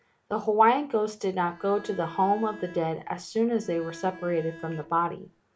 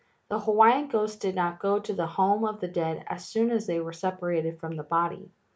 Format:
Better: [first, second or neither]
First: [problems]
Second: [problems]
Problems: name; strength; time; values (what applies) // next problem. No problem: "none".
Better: second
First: background sound (Bowed string instrument); 19 dB below the speech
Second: none